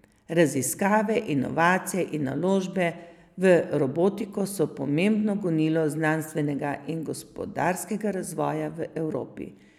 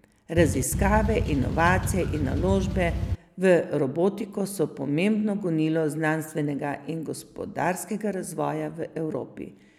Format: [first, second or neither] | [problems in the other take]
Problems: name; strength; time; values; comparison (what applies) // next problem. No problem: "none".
first | background sound (Boat, Water vehicle); 1 dB below the speech